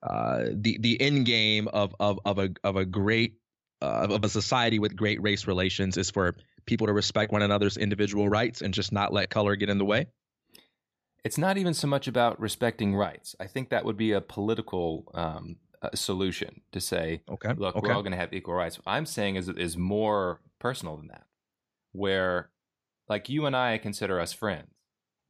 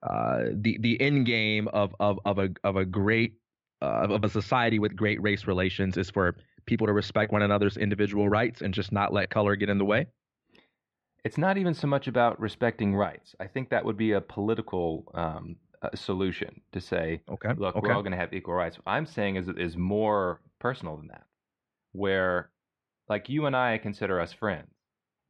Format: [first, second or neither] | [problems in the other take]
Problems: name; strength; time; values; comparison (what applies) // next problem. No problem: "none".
first | muffled; slightly; fading above 2 kHz